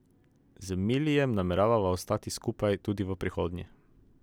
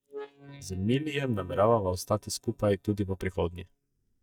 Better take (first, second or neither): first